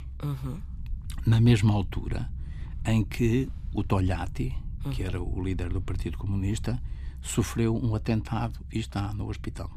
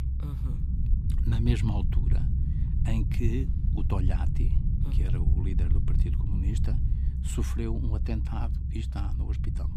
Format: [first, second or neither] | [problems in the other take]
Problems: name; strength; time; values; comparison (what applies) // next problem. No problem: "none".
first | low rumble; loud; throughout; 3 dB below the speech; faint in the first